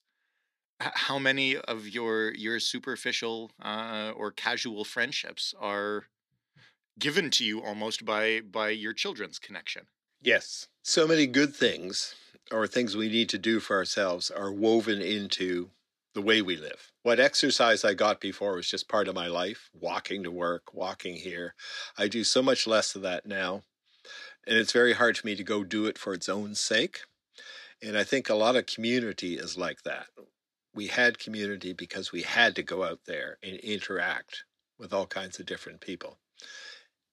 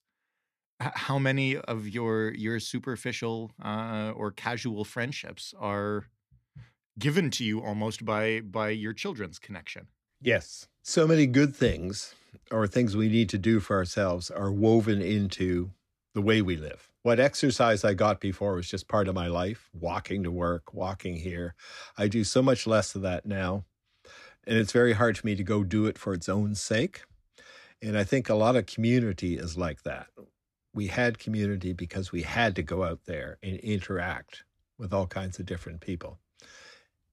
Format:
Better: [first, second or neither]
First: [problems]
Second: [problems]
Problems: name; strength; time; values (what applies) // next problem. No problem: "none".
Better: second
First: thin; very slightly; fading below 300 Hz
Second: none